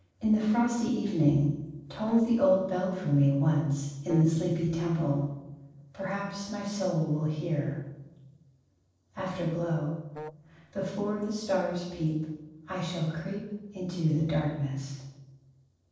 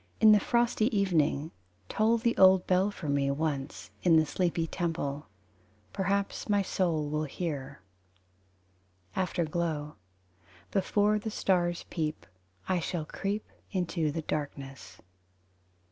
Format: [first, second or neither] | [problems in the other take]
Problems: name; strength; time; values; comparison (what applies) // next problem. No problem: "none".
second | noise reduction (neural separator model SepFormer DNS4)